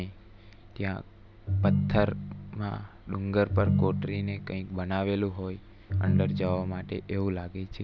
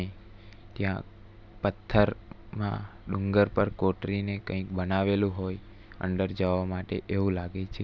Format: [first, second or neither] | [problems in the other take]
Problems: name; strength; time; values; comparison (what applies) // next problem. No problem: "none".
second | background sound (Ringtone); 2 dB above the speech